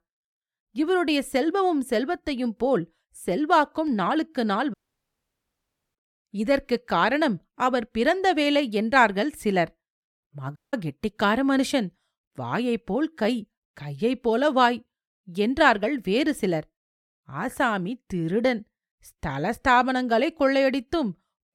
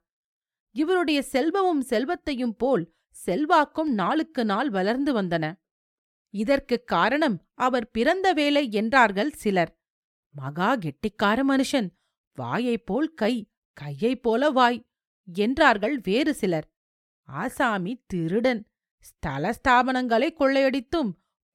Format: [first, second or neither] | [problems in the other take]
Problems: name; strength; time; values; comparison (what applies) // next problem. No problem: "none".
second | audio cutting out; at 4.5 s for 1 s and at 11 s